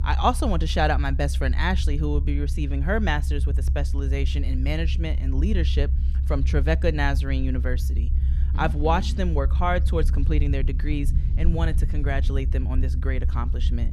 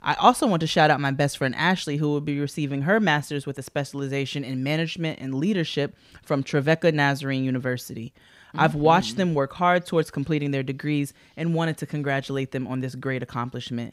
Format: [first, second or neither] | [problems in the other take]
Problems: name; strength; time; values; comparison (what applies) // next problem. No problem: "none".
second | low rumble; noticeable; throughout; 15 dB below the speech